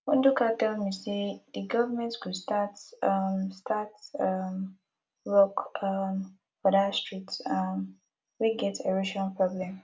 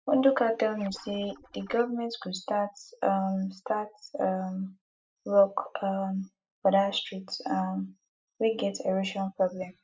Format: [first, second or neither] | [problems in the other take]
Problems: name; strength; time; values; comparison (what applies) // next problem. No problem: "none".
first | noise reduction (classical method spectral subtraction)